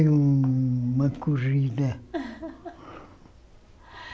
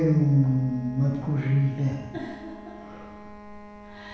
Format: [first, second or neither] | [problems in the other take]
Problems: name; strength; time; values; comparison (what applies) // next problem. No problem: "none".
first | background sound (Wind instrument, woodwind instrument); 18 dB below the speech // room echo; dies away in 0.9 s